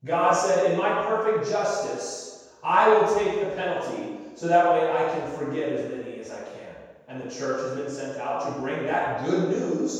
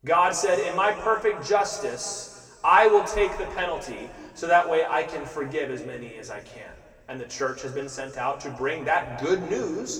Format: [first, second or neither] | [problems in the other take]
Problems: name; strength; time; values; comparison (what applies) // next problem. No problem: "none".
second | room echo; strong; dies away in 1.2 s; slight in the second // off-mic speech; far; far in the second